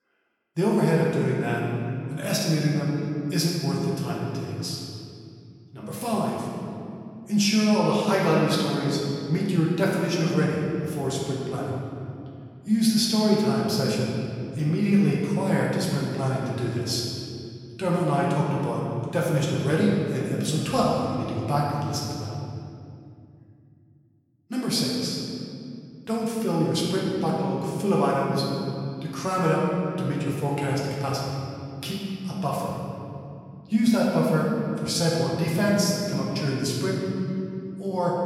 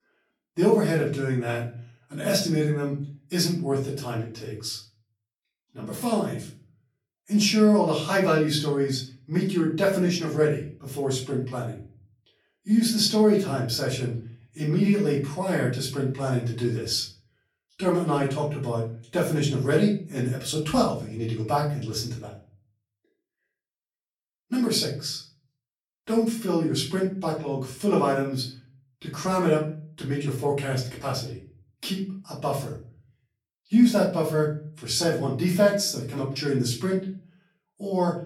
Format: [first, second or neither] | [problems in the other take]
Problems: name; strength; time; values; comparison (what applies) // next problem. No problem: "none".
second | room echo; strong; dies away in 2.6 s; slight in the second // off-mic speech; far; far in the second